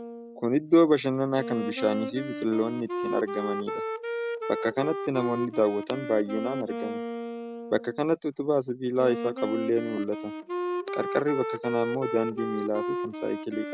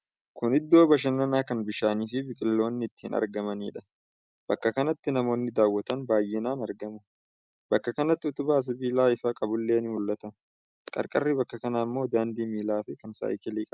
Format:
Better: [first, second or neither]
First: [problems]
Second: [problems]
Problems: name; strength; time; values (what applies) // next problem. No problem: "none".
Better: second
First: background sound (Wind instrument, woodwind instrument); 6 dB below the speech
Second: none